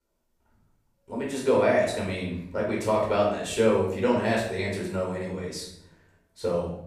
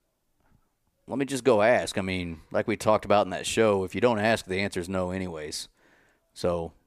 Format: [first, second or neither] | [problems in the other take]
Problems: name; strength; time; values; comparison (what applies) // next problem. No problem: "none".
second | off-mic speech; far // room echo; noticeable; dies away in 0.7 s